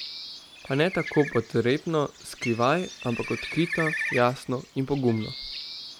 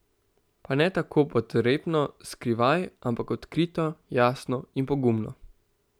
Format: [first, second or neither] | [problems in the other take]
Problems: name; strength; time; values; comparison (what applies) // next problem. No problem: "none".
second | background sound (Bird); 9 dB below the speech